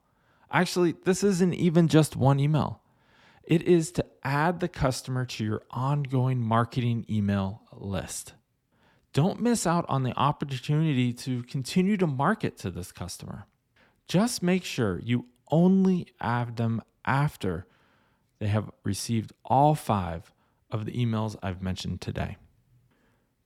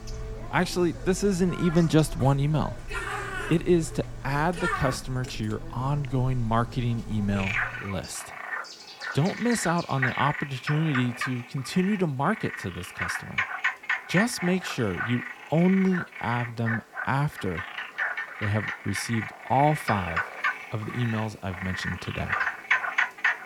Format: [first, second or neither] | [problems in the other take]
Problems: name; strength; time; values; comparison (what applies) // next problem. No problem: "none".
first | animal sounds; loud; throughout; 5 dB below the speech